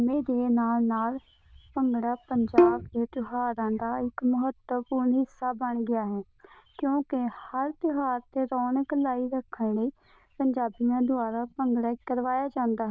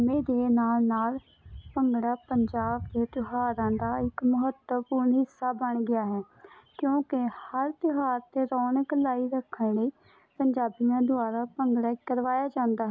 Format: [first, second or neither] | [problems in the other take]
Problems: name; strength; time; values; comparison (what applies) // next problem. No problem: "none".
second | noise reduction (neural diffusion model UNIVERSE++)